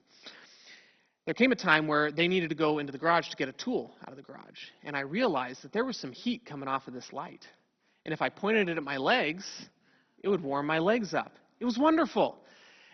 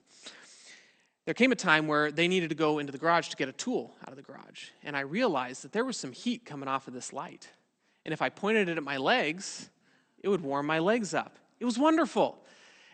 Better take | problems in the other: second | garbled, watery; badly; nothing above 6 kHz; slightly in the second

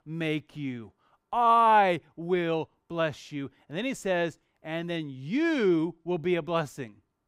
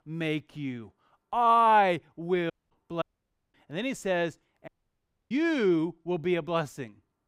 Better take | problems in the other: first | audio cutting out; at 2.5 s, at 3 s for 0.5 s and at 4.5 s for 0.5 s

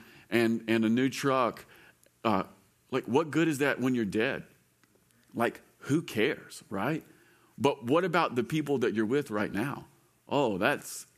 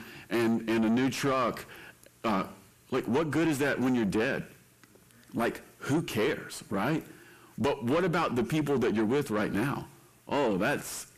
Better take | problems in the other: first | distortion; heavy; 7 dB below the speech

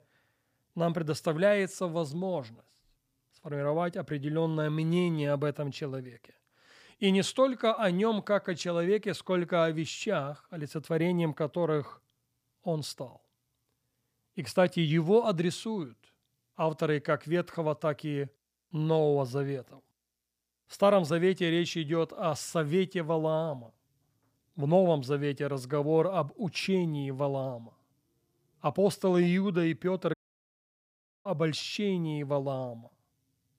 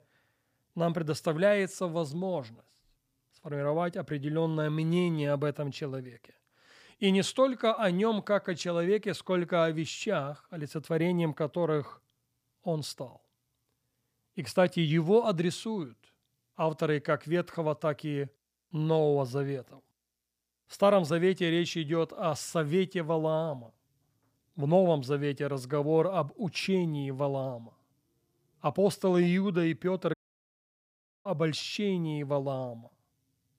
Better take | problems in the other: neither | audio cutting out; at 30 s for 1 s; the same in both

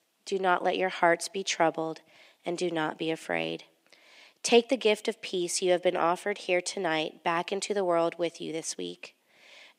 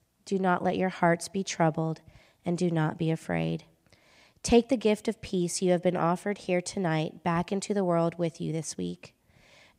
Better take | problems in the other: second | thin; somewhat; fading below 300 Hz

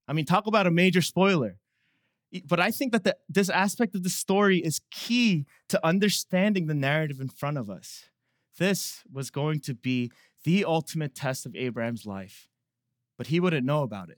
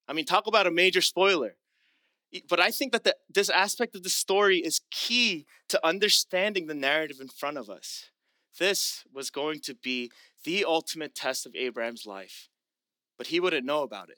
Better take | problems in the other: first | thin; somewhat; fading below 350 Hz

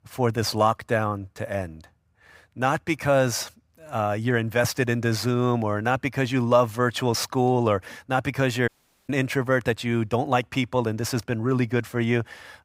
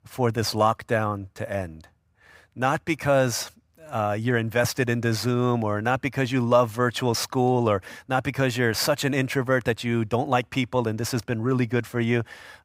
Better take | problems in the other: second | audio cutting out; at 8.5 s

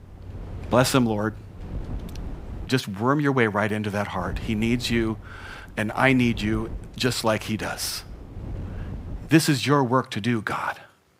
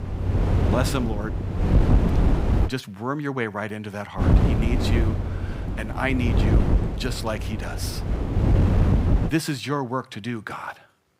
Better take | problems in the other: first | wind noise on the microphone; heavy; until 2.5 s and from 4 to 9.5 s; 2 dB below the speech; occasional gusts in the first

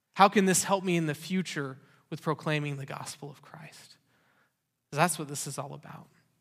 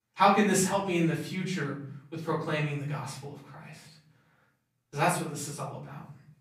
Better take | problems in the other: first | off-mic speech; far // room echo; noticeable; dies away in 0.6 s

